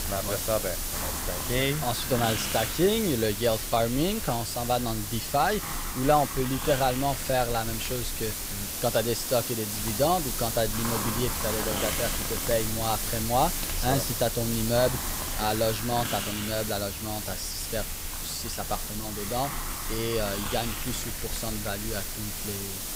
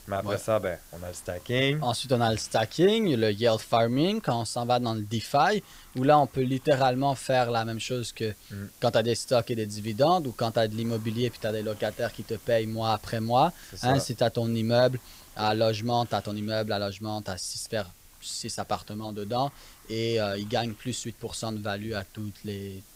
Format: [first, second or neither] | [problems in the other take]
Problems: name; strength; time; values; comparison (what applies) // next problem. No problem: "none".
second | hiss; loud; throughout; 2 dB below the speech; faint in the second